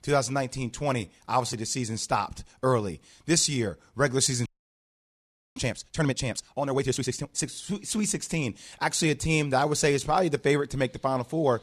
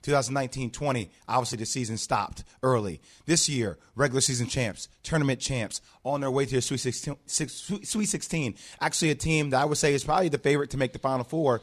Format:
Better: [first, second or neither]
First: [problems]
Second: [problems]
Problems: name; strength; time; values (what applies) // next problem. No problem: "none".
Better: second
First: audio freezing; at 4.5 s for 1 s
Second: none